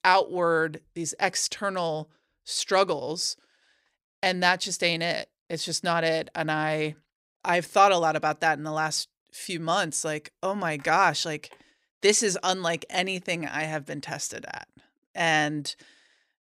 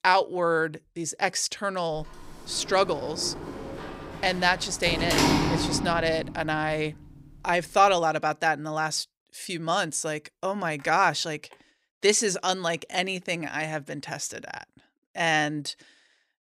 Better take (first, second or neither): first